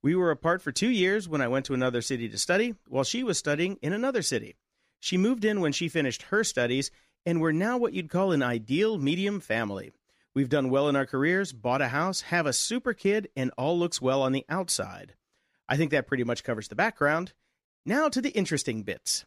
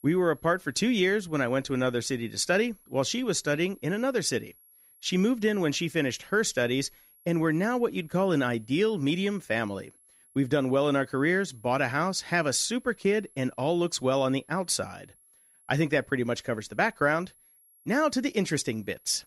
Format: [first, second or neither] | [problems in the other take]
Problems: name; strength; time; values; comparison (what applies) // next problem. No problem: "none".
first | high-pitched whine; faint; throughout; 11.5 kHz, 30 dB below the speech